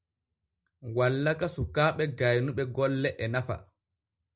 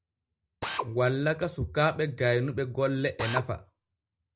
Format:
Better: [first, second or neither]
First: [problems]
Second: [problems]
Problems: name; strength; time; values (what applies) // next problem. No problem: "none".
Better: first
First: none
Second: background sound (Drill); 7 dB below the speech